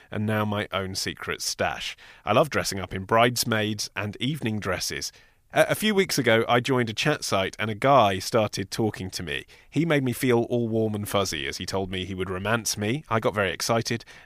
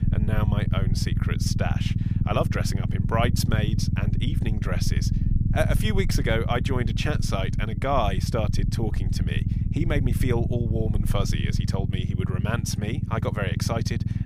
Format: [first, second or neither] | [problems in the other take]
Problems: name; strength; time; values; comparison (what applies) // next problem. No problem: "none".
first | low rumble; loud; throughout; 7 dB below the speech